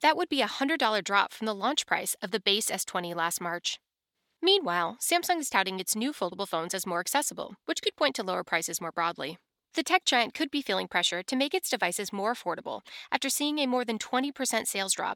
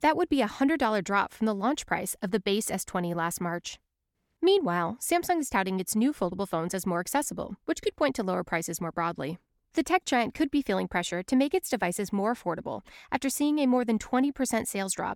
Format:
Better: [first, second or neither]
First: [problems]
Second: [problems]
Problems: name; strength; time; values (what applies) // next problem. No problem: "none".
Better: second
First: thin; very slightly; fading below 600 Hz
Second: none